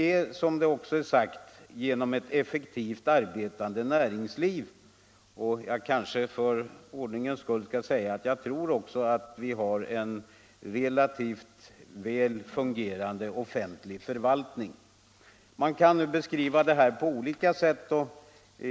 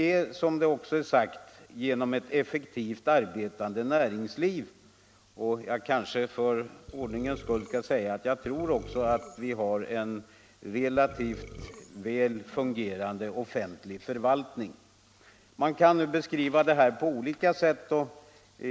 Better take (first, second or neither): first